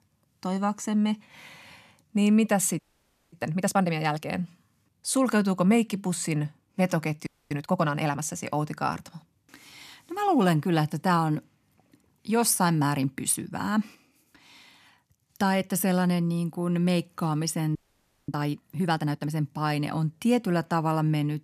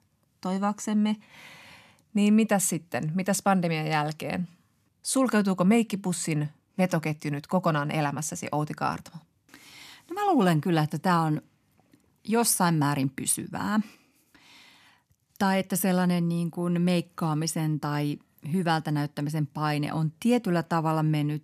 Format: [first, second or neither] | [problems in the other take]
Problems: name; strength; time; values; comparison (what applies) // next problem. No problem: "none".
second | audio freezing; at 3 s for 0.5 s, at 7.5 s and at 18 s for 0.5 s